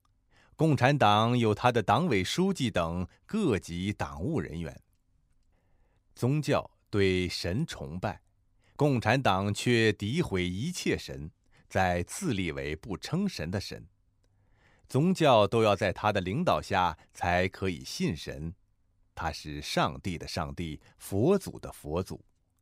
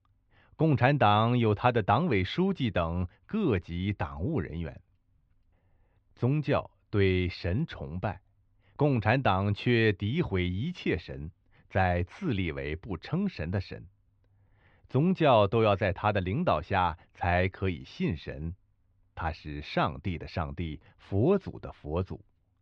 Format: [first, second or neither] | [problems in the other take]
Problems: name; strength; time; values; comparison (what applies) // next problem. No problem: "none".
first | muffled; slightly; fading above 3.5 kHz